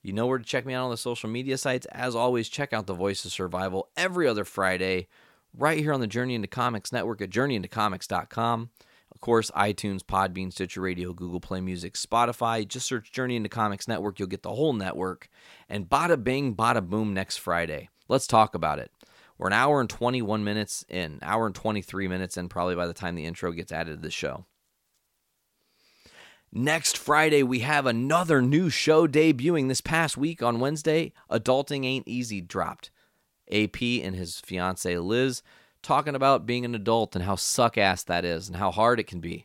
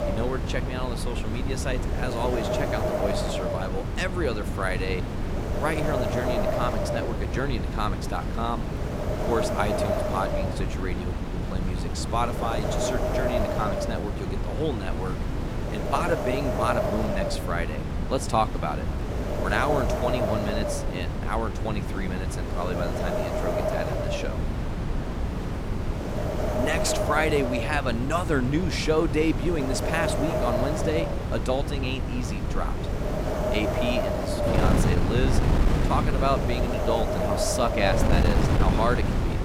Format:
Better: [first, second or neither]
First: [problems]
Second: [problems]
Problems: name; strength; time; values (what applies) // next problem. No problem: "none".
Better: first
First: none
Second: wind noise on the microphone; heavy; 1 dB below the speech